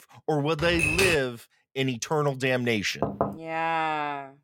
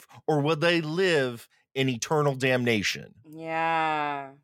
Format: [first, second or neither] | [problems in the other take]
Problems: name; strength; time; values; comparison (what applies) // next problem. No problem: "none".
second | keyboard typing; loud; at 0.5 s; peak 4 dB above the speech // door banging; noticeable; at 3 s; peak 2 dB below the speech